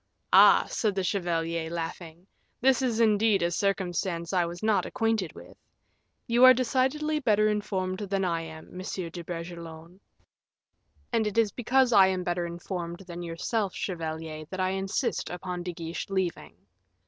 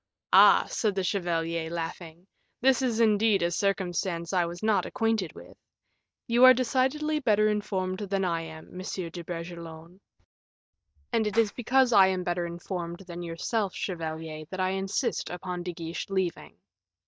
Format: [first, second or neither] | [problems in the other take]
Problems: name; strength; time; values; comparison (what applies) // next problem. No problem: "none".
first | noise reduction (neural mask model DeepFilterNet 3)